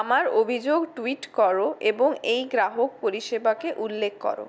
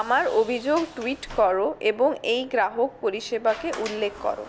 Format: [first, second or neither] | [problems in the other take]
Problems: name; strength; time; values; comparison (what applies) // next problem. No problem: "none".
first | background sound (Sliding door); 19 dB below the speech